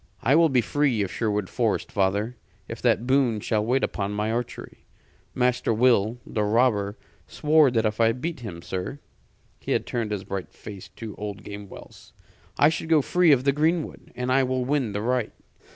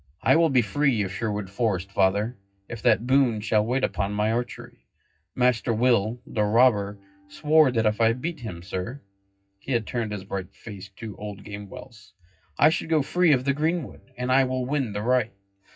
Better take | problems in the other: first | noise reduction (classical method WPE with log-MMSE)

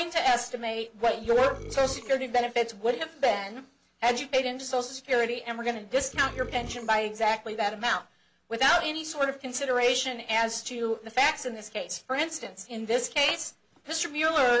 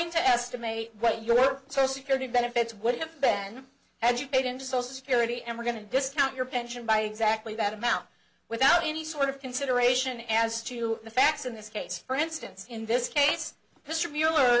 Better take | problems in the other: second | background sound (Burping, eructation); 14 dB below the speech

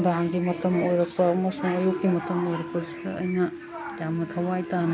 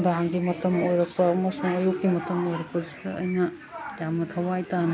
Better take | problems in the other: second | background sound (Wind instrument, woodwind instrument); 14 dB below the speech

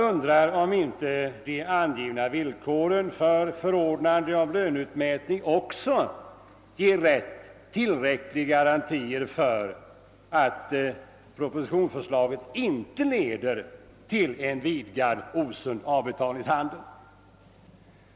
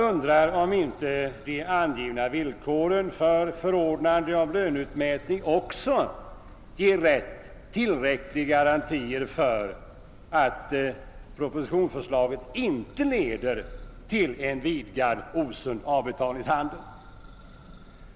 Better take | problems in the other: first | background sound (Church bell); 19 dB below the speech

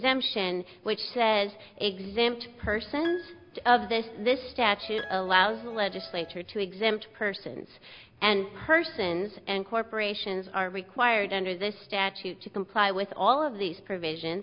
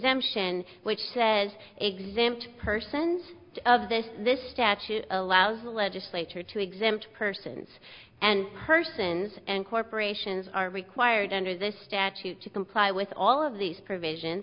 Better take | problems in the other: second | background sound (Piano + Piano); 18 dB below the speech

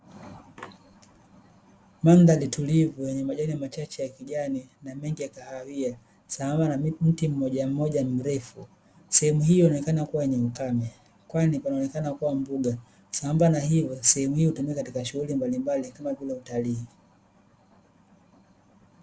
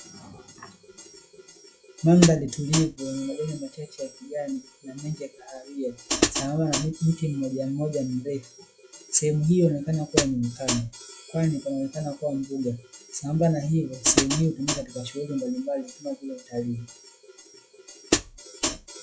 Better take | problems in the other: first | noise reduction (classical method log-MMSE)

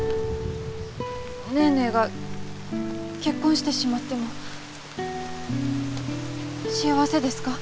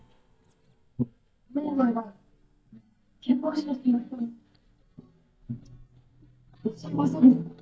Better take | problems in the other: first | noise reduction (neural mask model DeepFilterNet 3)

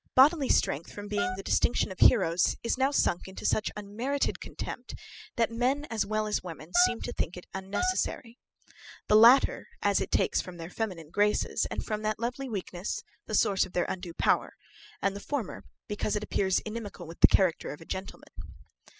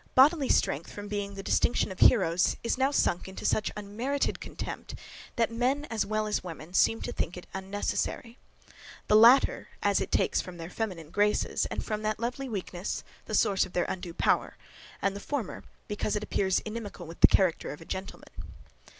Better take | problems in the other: second | noise reduction (classical method spectral subtraction)

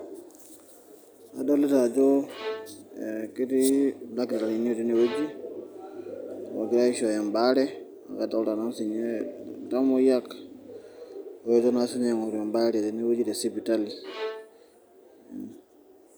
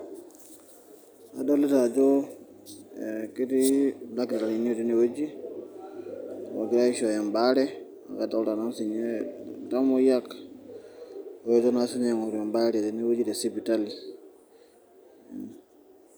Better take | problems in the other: second | background sound (Bowed string instrument); 14 dB below the speech

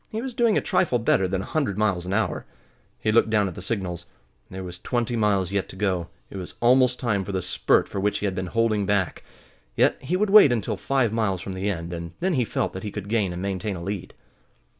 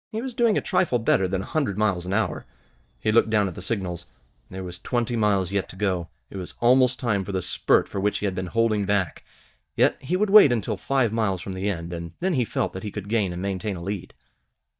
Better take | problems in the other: first | noise reduction (neural mask model DeepFilterNet 3)

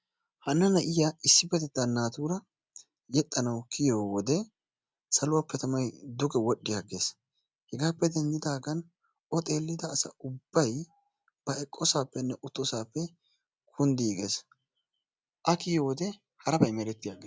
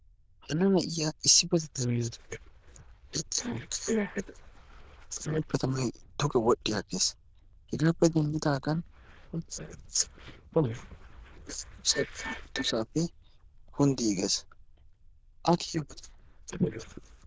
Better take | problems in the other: first | noise reduction (neural diffusion model UNIVERSE++)

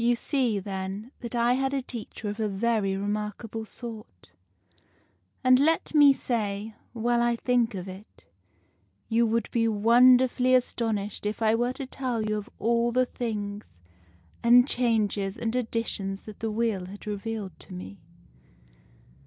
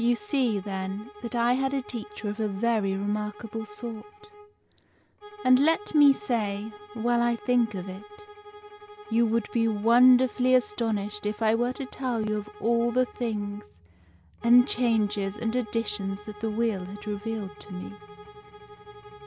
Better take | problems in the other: first | background sound (Bowed string instrument); 19 dB below the speech

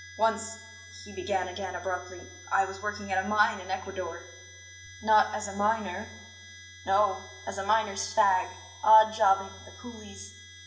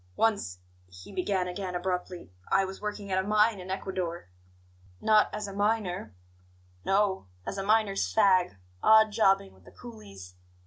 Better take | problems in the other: second | background sound (Harmonica); 19 dB below the speech // room echo; dies away in 1 s

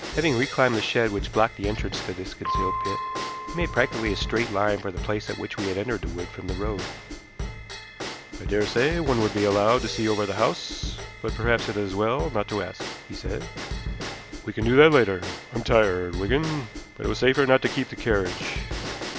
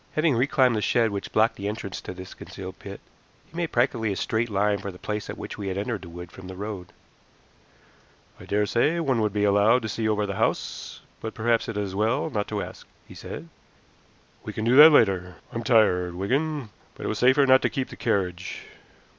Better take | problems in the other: second | background sound (Percussion + Bell / Drum / Drum kit); 7 dB below the speech

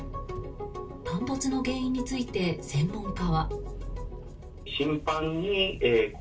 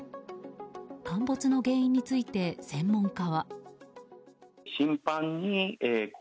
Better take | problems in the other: second | background sound (Engine); 9 dB below the speech // room echo; dies away in 0.2 s

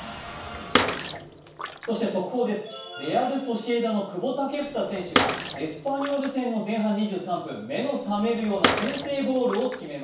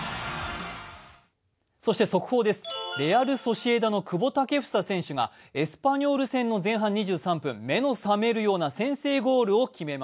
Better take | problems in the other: second | background sound (Bathtub (filling or washing) / Water / Splash, splatter); 2 dB below the speech // room echo; dies away in 0.7 s

